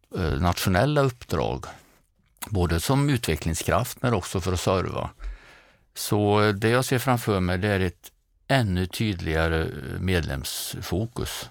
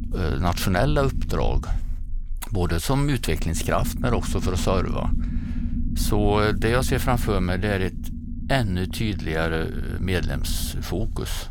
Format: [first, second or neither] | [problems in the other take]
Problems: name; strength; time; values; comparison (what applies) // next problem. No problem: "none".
first | low rumble; noticeable; throughout; 15 dB below the speech